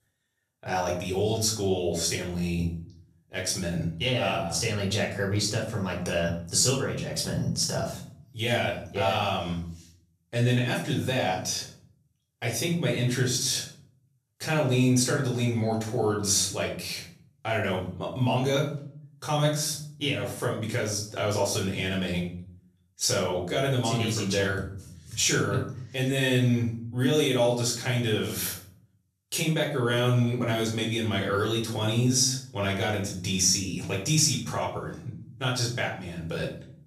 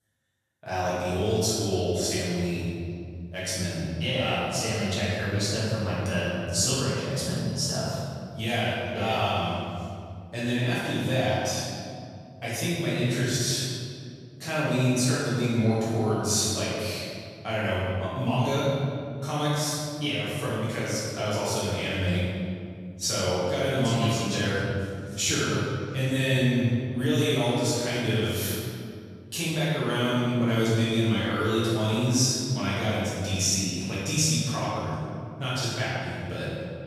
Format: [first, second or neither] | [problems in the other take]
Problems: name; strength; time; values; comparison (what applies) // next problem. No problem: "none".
first | room echo; strong; dies away in 2.3 s; slight in the first // off-mic speech; far; far in the first